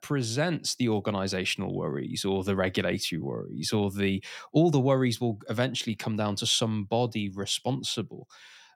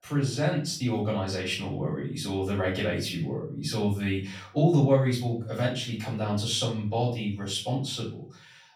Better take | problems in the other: first | off-mic speech; far // room echo; slight; dies away in 0.4 s

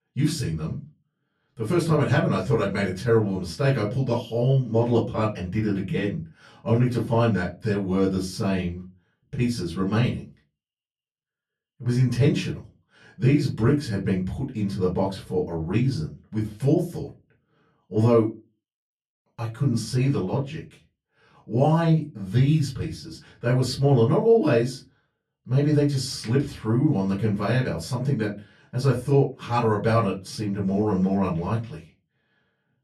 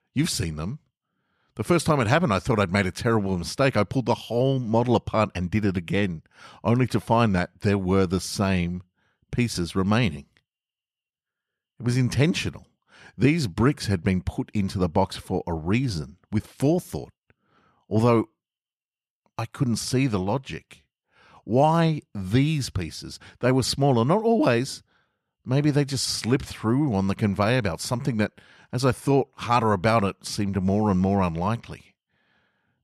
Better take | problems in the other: second | off-mic speech; far // room echo; very slight; dies away in 0.2 s

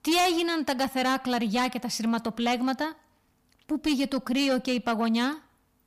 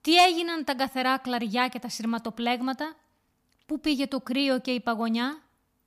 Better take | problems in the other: second | distortion; heavy; 8 dB below the speech

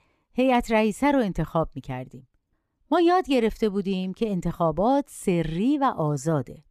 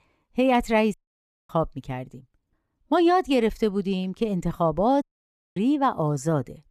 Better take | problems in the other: first | audio cutting out; at 1 s for 0.5 s and at 5 s for 0.5 s

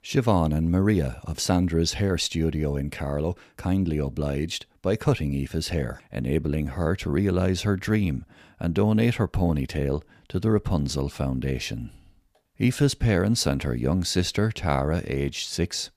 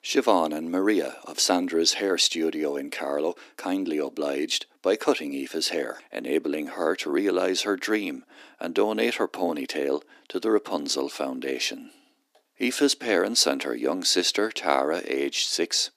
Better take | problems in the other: first | thin; somewhat; fading below 300 Hz

